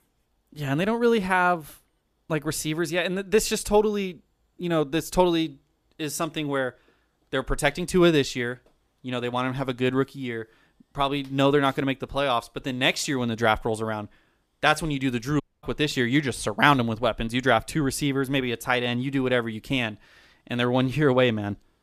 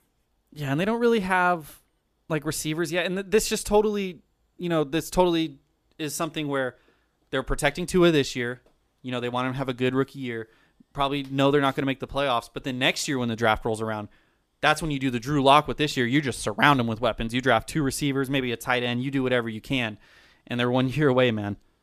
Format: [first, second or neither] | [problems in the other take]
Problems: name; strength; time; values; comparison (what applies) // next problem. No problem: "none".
second | audio cutting out; at 15 s